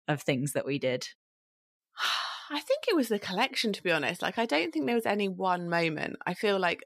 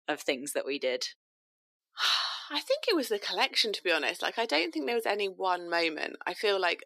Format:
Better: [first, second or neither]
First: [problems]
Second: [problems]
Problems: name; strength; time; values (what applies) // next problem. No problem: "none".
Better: first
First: none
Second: thin; somewhat; fading below 350 Hz